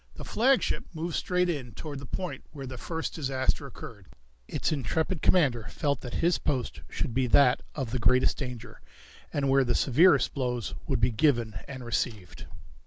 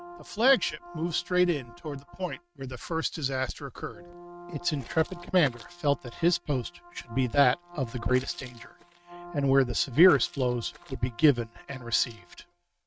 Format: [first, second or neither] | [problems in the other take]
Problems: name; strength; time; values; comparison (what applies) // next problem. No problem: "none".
first | noise reduction (neural mask model RNNoise)